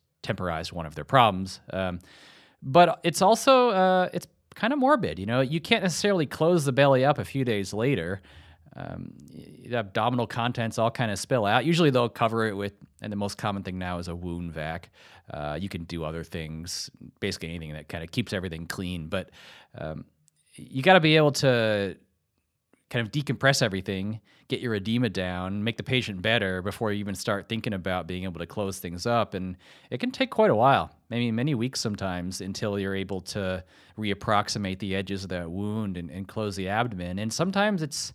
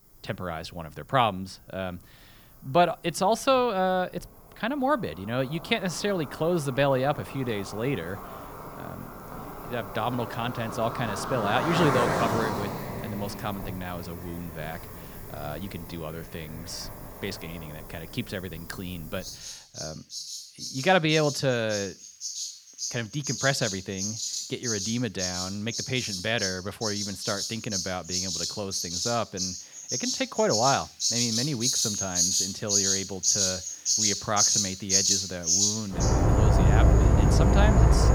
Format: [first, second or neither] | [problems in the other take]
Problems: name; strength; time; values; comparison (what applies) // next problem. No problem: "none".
first | animal sounds; very loud; throughout; 3 dB above the speech